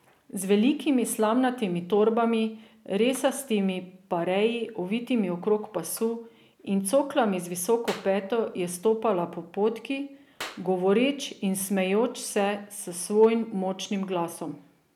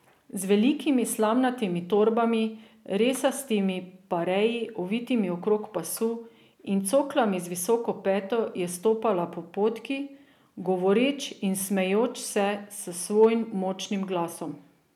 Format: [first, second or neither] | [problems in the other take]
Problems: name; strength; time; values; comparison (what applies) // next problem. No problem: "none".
second | background sound (Clapping); 19 dB below the speech